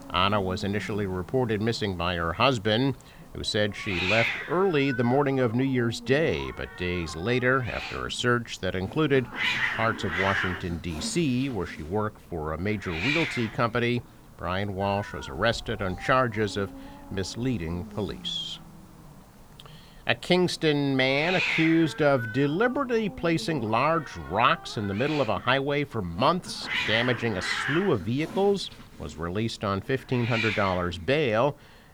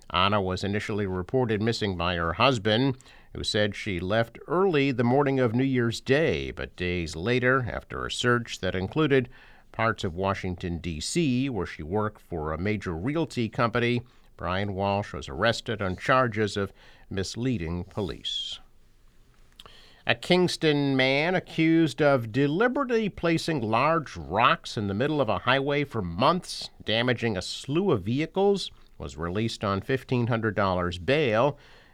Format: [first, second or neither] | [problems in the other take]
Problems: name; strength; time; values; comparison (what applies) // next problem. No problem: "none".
second | hiss; loud; throughout; 6 dB below the speech